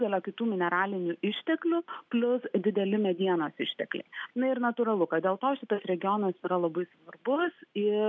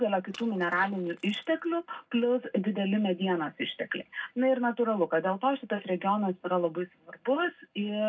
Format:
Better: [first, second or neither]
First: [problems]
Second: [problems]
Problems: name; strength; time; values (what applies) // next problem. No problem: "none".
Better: first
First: none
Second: noise reduction (neural separator model SepFormer DNS4)